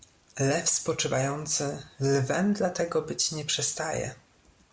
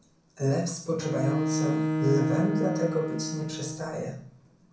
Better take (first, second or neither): first